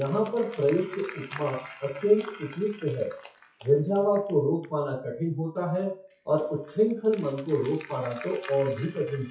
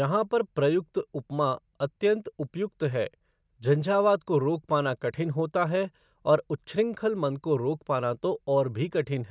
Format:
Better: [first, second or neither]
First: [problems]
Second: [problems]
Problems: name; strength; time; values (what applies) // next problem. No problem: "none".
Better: second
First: noise reduction (classical method WPE with log-MMSE)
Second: none